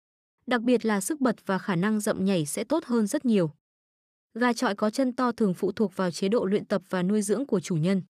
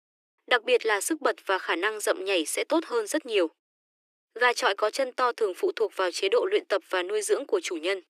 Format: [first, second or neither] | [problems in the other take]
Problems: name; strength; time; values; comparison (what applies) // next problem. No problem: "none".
first | thin; very; fading below 300 Hz